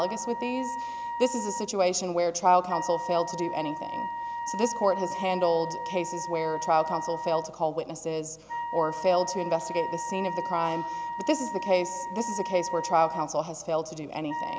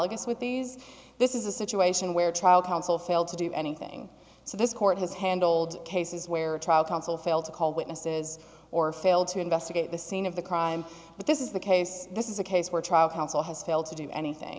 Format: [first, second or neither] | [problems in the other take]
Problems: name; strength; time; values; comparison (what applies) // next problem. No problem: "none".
second | background sound (Wind instrument, woodwind instrument); 7 dB below the speech